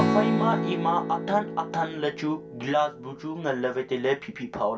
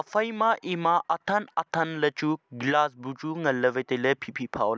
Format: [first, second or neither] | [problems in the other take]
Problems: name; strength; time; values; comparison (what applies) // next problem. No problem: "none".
second | background sound (Strum); 3 dB below the speech // room echo; dies away in 0.2 s